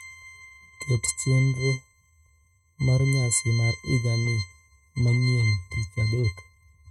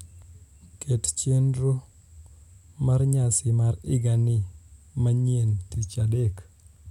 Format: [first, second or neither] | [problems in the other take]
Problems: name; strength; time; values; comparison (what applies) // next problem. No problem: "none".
second | noise reduction (neural mask model RNNoise)